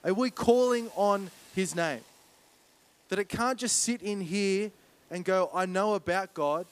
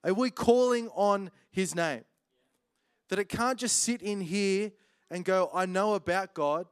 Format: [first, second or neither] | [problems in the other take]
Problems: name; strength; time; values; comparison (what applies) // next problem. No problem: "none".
second | hiss; faint; throughout; 30 dB below the speech